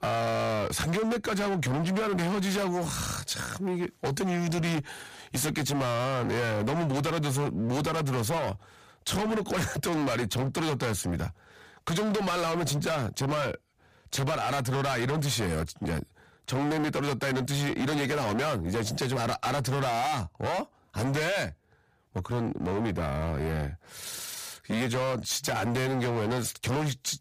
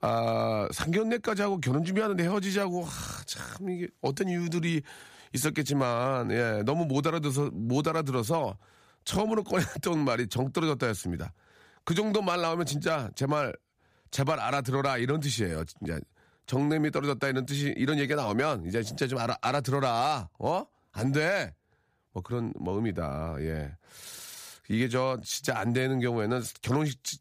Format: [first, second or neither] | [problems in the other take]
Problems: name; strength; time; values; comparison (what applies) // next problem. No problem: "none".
second | distortion; heavy; 31% of the sound clipped